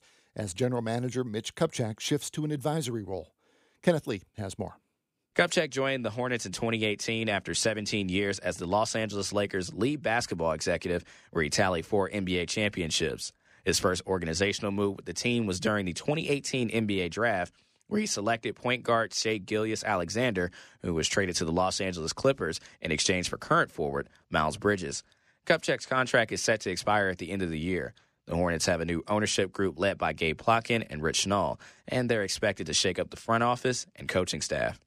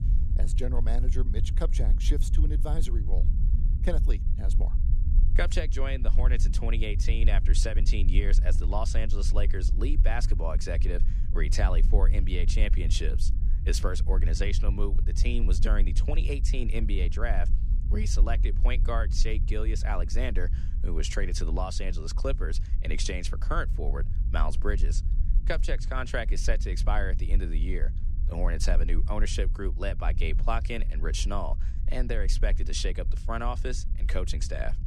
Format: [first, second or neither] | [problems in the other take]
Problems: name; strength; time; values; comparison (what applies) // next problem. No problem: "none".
first | low rumble; noticeable; throughout; 15 dB below the speech